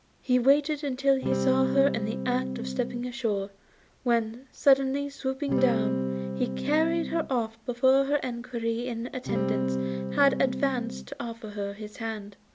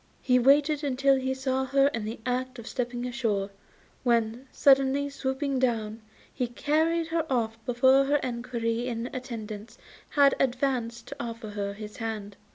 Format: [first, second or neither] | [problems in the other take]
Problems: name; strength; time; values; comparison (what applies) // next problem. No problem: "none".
second | background sound (Electric guitar / Strum); 2 dB below the speech